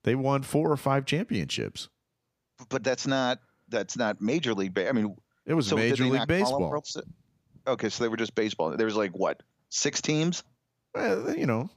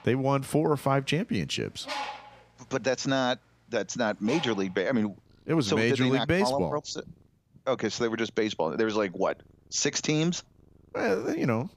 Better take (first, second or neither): first